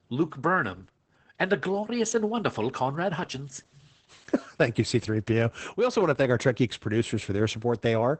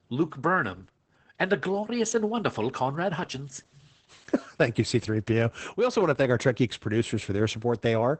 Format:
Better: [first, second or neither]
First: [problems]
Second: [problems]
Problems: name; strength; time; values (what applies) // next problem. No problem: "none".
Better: neither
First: garbled, watery; badly; nothing above 8 kHz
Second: garbled, watery; badly; nothing above 8 kHz